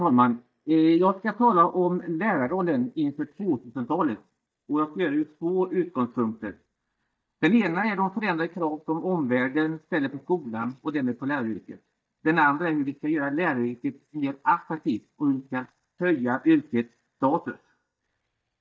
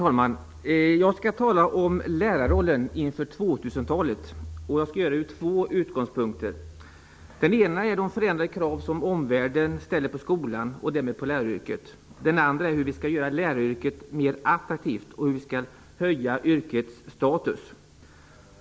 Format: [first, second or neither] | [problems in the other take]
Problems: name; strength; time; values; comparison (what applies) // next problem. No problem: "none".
second | noise reduction (neural mask model DeepFilterNet 3)